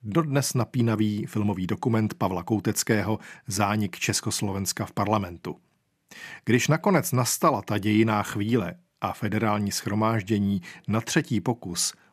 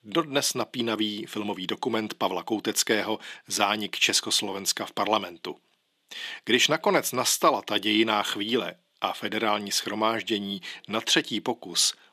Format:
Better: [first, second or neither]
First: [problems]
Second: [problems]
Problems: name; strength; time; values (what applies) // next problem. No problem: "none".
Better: first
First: none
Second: thin; somewhat; fading below 350 Hz